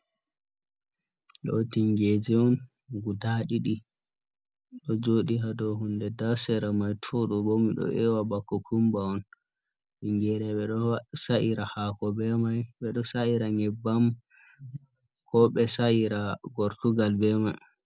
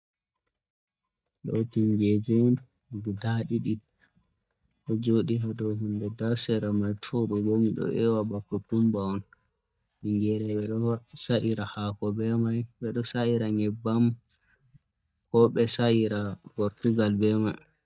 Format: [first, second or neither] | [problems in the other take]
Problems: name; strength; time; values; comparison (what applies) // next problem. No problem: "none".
first | noise reduction (neural mask model DeepFilterNet 3)